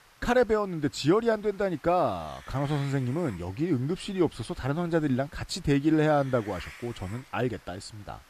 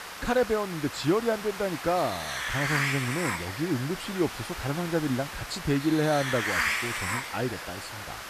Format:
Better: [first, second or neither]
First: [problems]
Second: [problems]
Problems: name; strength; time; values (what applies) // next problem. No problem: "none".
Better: first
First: hiss; faint; throughout; 20 dB below the speech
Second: hiss; loud; throughout; 3 dB below the speech